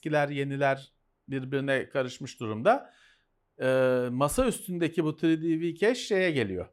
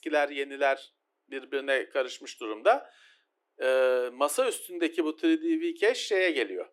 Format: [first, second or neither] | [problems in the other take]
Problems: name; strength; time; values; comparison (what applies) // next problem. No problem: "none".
first | thin; somewhat; fading below 300 Hz